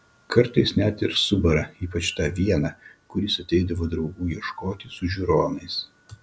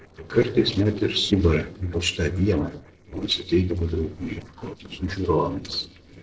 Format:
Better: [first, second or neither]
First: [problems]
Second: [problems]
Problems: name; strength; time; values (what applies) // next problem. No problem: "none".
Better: first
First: none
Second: noise reduction (neural separator model SepFormer DNS4)